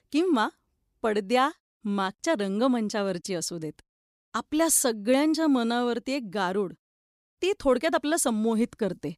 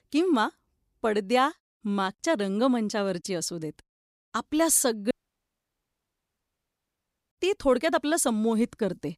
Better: first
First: none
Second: audio cutting out; at 5 s for 2 s

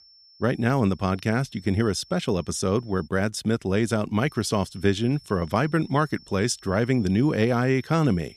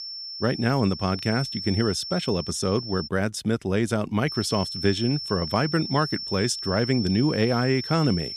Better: first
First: high-pitched whine; faint; until 3 s and from 4.5 s on; 5.5 kHz, 25 dB below the speech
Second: high-pitched whine; loud; until 3 s and from 4.5 s on; 5.5 kHz, 7 dB below the speech

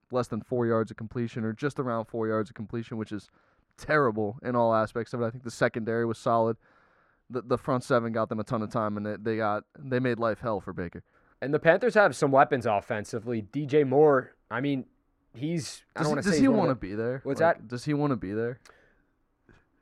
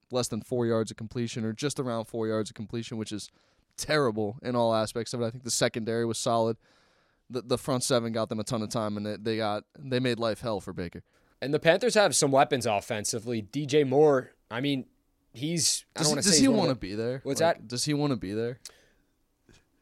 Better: second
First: muffled; very; fading above 3 kHz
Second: none

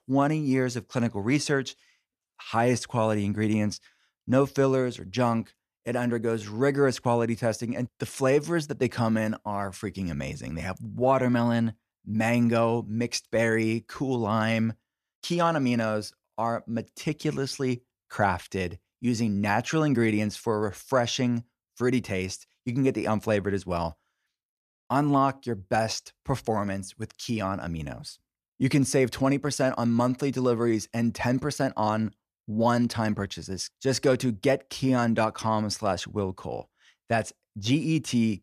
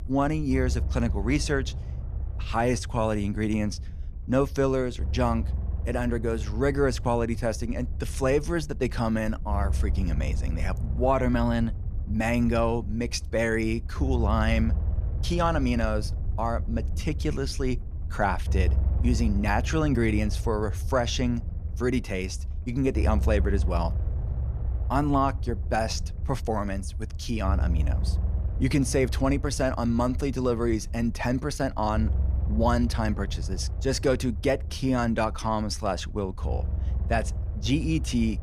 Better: first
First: none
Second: low rumble; noticeable; throughout; 20 dB below the speech

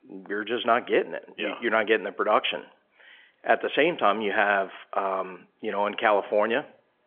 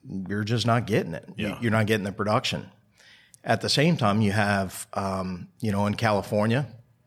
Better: second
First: phone-call audio; nothing above 3.5 kHz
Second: none

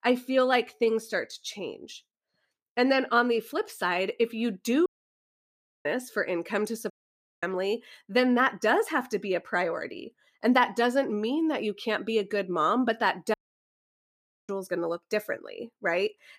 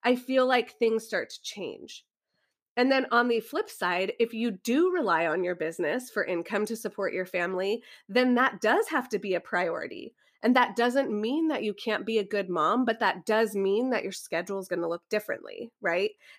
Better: second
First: audio cutting out; at 5 s for 1 s, at 7 s for 0.5 s and at 13 s for 1 s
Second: none

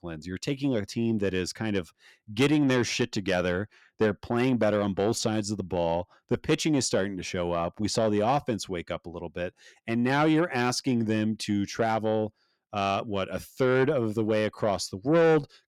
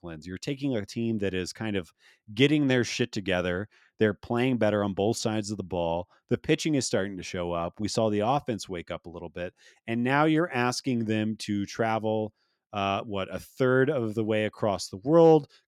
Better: second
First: distortion; slight; 10 dB below the speech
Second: none

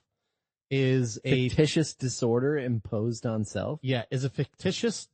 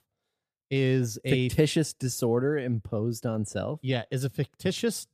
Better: second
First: garbled, watery; slightly; nothing above 8 kHz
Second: none

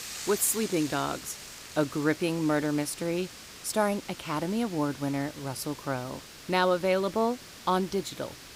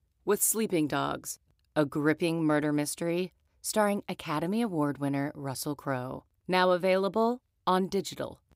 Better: second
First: hiss; noticeable; throughout; 15 dB below the speech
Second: none

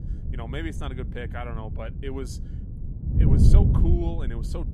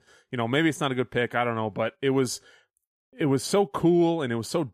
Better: second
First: wind noise on the microphone; heavy; 1 dB below the speech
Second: none

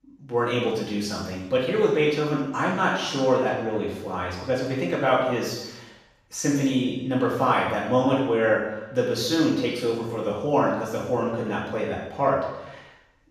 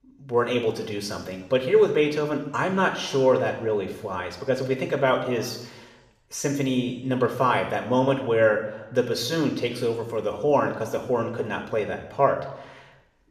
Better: second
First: room echo; strong; dies away in 0.9 s // off-mic speech; far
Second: room echo; slight; dies away in 0.9 s // off-mic speech; somewhat distant

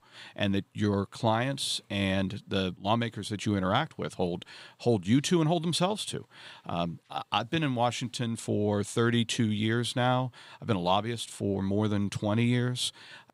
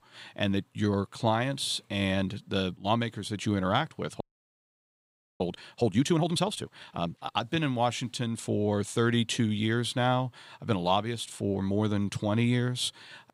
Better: first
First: none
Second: audio freezing; at 4 s for 1 s

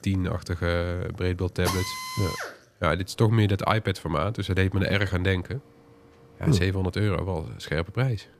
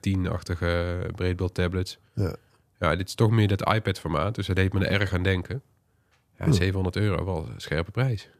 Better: second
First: machinery noise; loud; throughout; 6 dB below the speech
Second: none

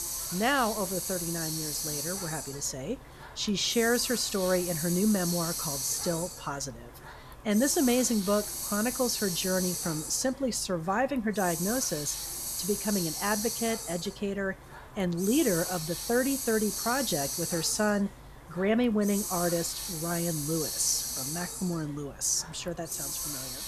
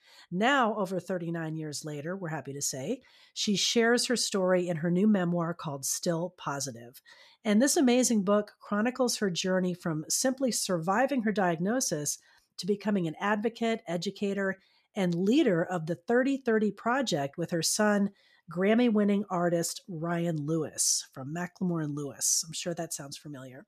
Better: second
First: hiss; loud; throughout; 3 dB below the speech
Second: none

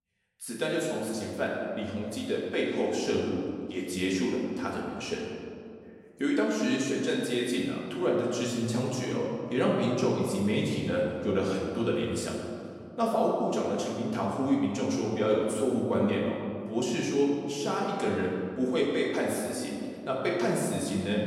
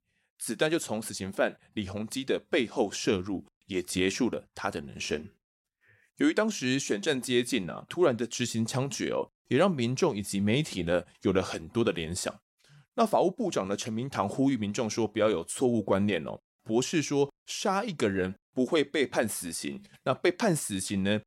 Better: second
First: room echo; noticeable; dies away in 2.1 s // off-mic speech; far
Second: none

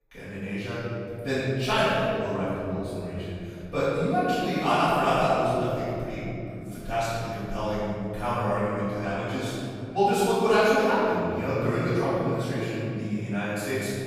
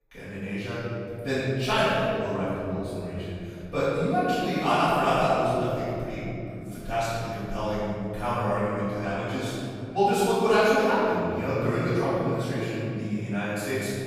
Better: neither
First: off-mic speech; far // room echo; strong; dies away in 3 s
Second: off-mic speech; far // room echo; strong; dies away in 3 s

